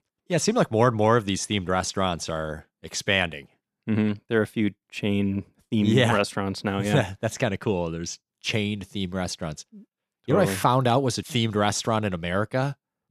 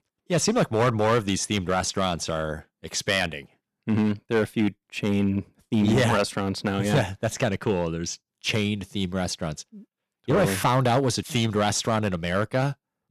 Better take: first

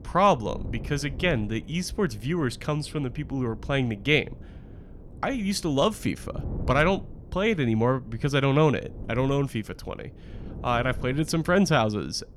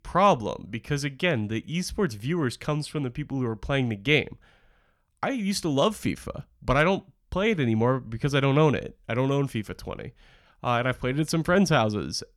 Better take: second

